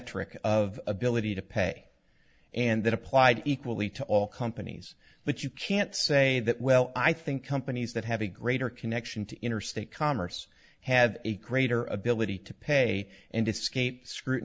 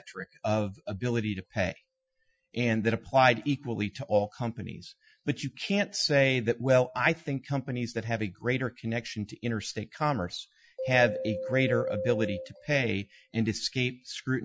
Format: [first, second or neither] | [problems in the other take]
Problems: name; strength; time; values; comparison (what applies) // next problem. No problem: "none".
first | noise reduction (classical method Wiener filter)